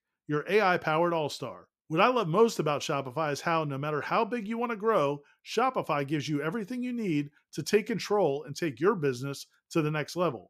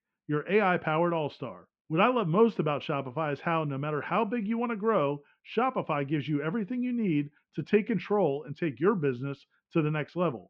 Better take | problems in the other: first | muffled; very; fading above 3 kHz

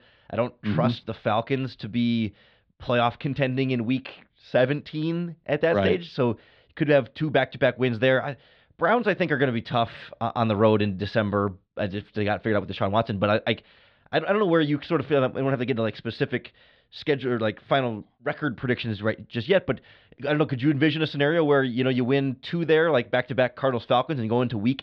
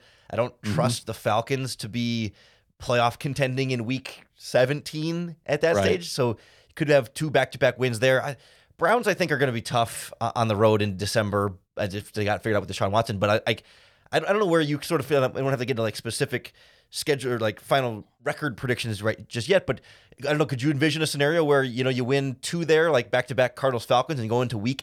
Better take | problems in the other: second | muffled; slightly; fading above 4 kHz

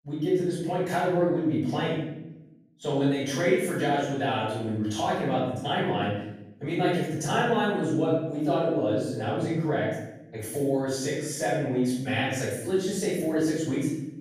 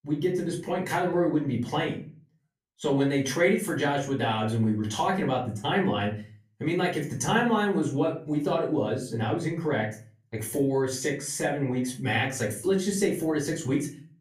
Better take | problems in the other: second | room echo; strong; dies away in 0.8 s; slight in the second // off-mic speech; far; far in the second

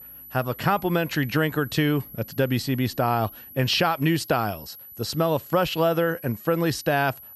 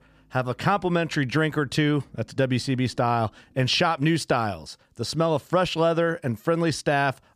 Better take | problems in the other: second | high-pitched whine; noticeable; throughout; 12 kHz, 15 dB below the speech

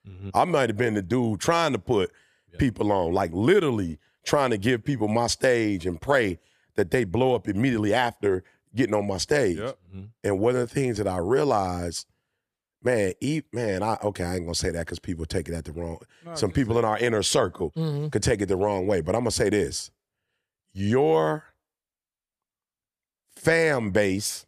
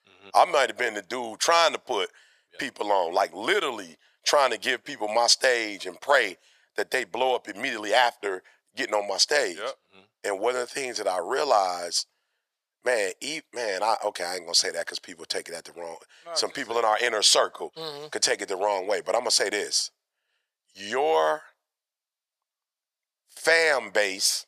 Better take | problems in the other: first | thin; very; fading below 750 Hz

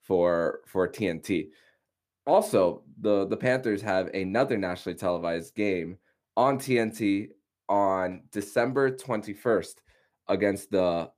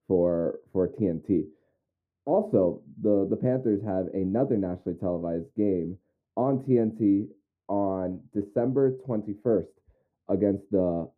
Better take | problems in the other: first | muffled; very; fading above 1 kHz

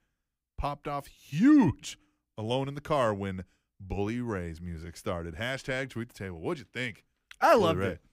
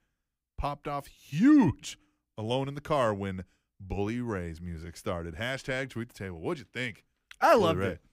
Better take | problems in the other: neither | none

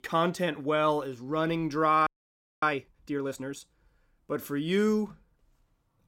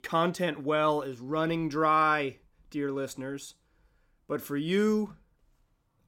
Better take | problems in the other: second | audio freezing; at 2 s for 0.5 s

